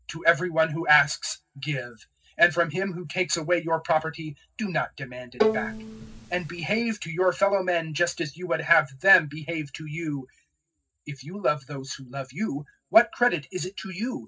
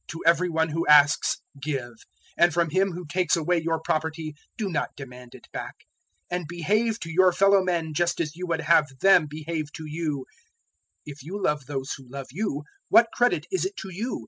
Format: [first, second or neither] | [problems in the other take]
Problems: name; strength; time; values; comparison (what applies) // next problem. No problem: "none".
second | noise reduction (neural separator model SepFormer DNS4)